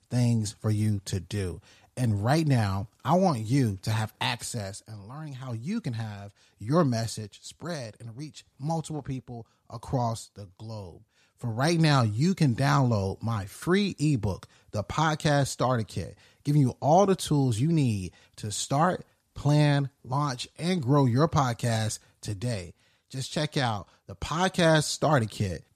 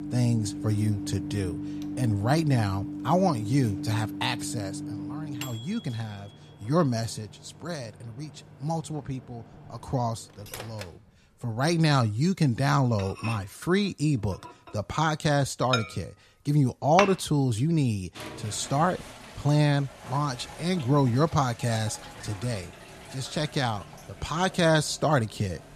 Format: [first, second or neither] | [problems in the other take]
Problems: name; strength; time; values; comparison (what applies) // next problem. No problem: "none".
first | household noises; noticeable; throughout; 10 dB below the speech